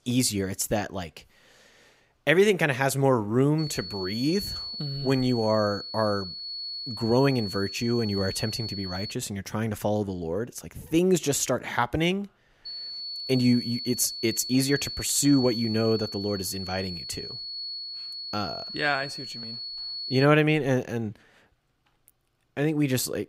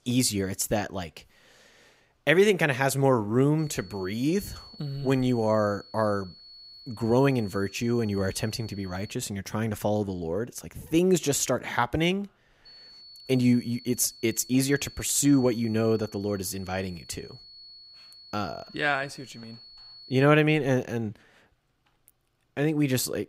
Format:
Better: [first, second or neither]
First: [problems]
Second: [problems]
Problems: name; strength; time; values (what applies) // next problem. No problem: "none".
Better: second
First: high-pitched whine; loud; from 3.5 to 9 s and from 13 to 20 s; 4.5 kHz, 8 dB below the speech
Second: high-pitched whine; faint; from 3.5 to 9 s and from 13 to 20 s; 4.5 kHz, 20 dB below the speech